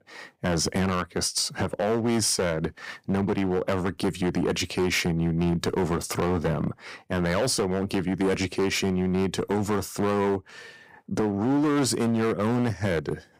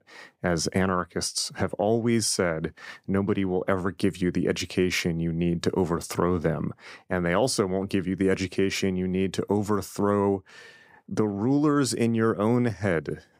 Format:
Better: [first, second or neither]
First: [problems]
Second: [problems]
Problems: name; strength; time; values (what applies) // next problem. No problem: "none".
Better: second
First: distortion; heavy; 12% of the sound clipped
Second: none